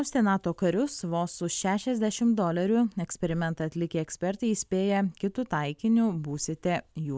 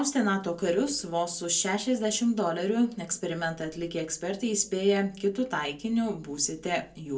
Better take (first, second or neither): first